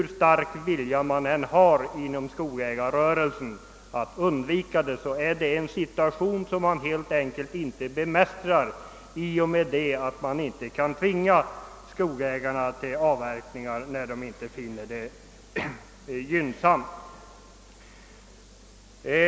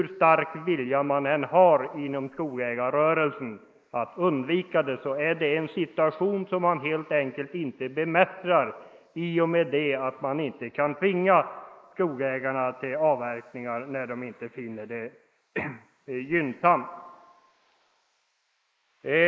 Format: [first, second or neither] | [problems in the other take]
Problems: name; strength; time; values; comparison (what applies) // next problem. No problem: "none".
first | noise reduction (neural mask model Resemble Enhance denoiser)